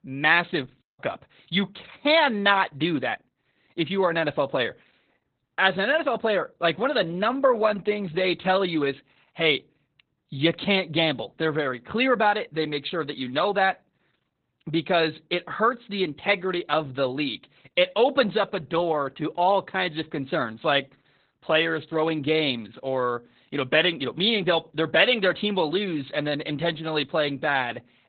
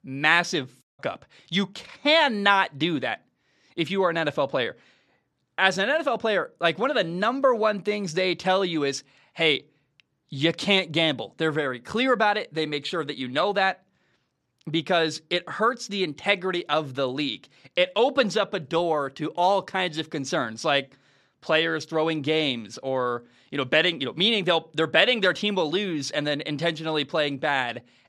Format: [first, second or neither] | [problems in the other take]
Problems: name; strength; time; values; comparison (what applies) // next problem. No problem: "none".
second | garbled, watery; badly; nothing above 4 kHz